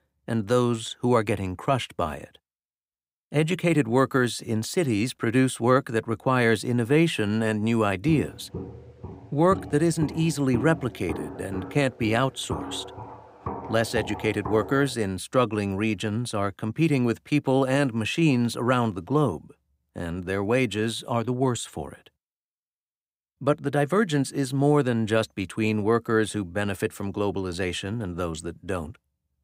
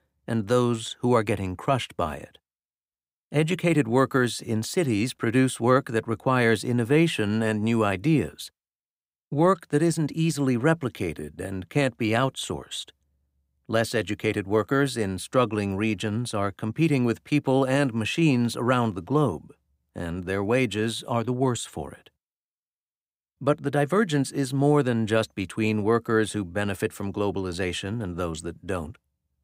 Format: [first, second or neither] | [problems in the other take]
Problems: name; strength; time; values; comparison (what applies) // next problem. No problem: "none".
second | footsteps; noticeable; from 8 to 15 s; peak 9 dB below the speech